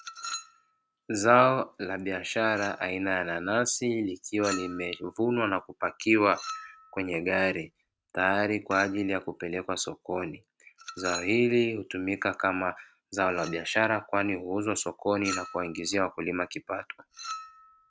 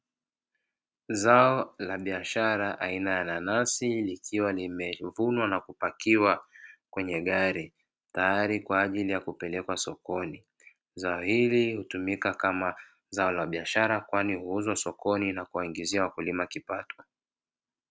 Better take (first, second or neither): second